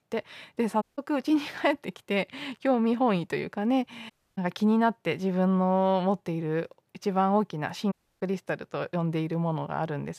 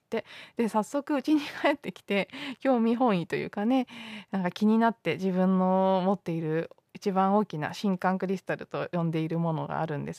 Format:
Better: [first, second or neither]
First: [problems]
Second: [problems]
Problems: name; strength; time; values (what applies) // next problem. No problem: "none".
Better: second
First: audio cutting out; at 1 s, at 4 s and at 8 s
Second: none